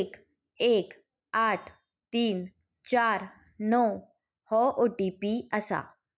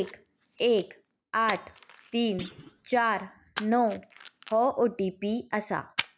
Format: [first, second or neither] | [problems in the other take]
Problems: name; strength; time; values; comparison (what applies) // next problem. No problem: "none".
first | background sound (Thump, thud + Splash, splatter); 15 dB below the speech